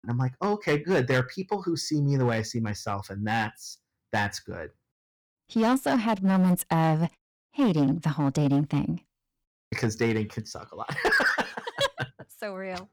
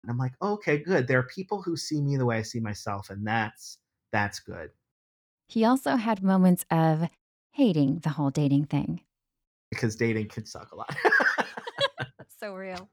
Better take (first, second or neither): second